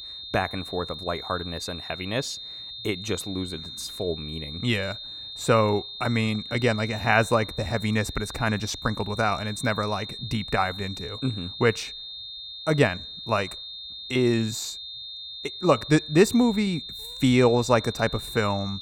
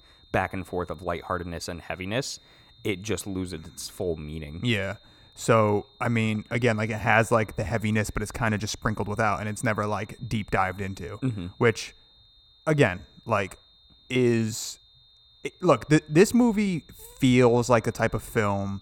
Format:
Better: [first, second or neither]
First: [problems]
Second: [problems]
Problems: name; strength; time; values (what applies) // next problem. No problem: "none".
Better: second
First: high-pitched whine; loud; throughout; 3.5 kHz, 10 dB below the speech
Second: high-pitched whine; faint; throughout; 3.5 kHz, 30 dB below the speech